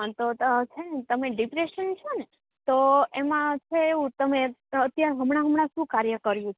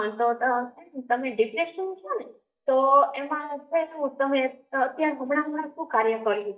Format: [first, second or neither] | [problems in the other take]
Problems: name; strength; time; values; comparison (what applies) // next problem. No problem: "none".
first | noise reduction (neural mask model DeepFilterNet 3)